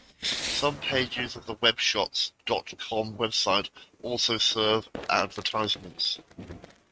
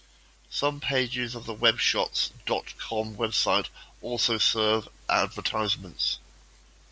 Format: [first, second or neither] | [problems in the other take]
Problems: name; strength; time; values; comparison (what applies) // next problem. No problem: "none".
second | noise reduction (neural mask model RNNoise)